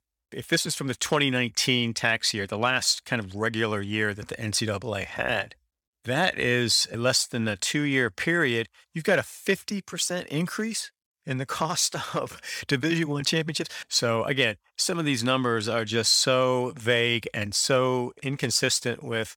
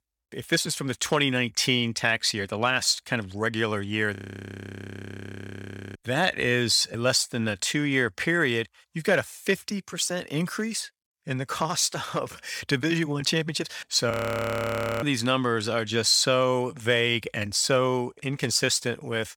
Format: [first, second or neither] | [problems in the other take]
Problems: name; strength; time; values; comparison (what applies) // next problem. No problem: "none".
first | audio freezing; at 4 s for 2 s and at 14 s for 1 s